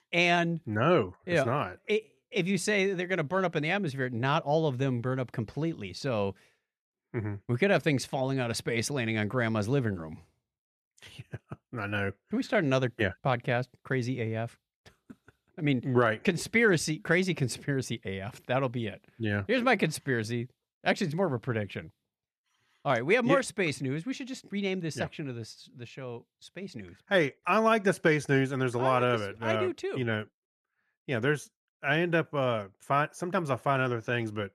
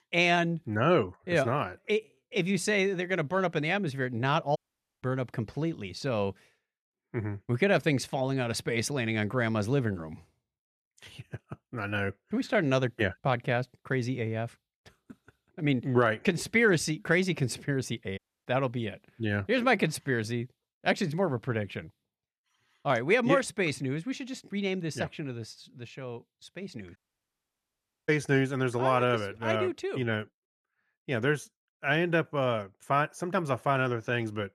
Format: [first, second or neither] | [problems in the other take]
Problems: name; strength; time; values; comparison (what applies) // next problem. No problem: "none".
first | audio cutting out; at 4.5 s, at 18 s and at 27 s for 1 s